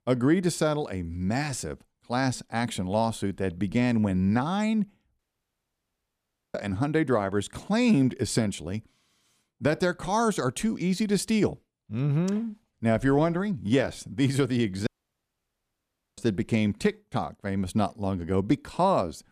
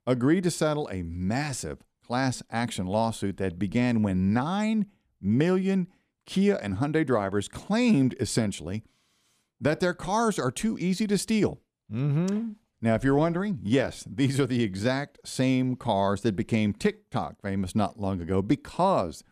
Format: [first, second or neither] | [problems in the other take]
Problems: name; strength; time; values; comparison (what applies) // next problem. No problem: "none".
second | audio cutting out; at 5 s for 1.5 s and at 15 s for 1.5 s